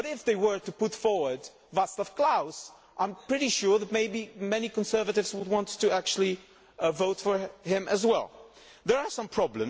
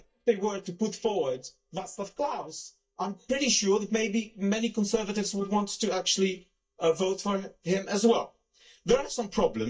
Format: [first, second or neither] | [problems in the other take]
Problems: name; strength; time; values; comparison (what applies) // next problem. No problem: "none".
first | noise reduction (neural mask model DeepFilterNet 3)